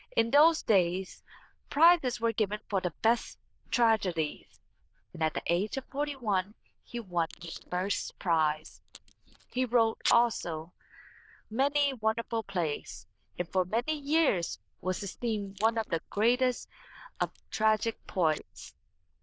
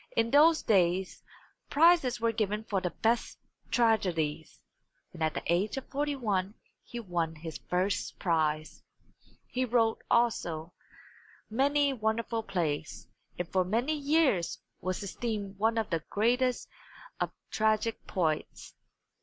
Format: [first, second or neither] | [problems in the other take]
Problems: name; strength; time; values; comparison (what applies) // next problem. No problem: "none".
second | noise reduction (neural diffusion model UNIVERSE++)